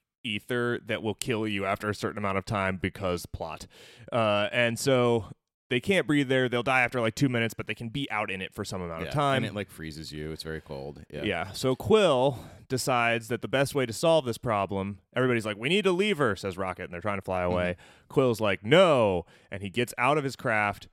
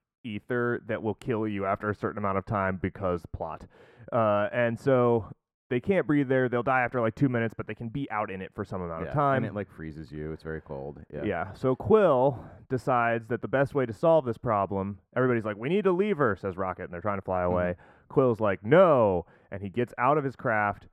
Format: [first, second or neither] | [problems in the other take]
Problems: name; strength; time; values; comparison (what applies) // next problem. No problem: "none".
first | muffled; very; fading above 2 kHz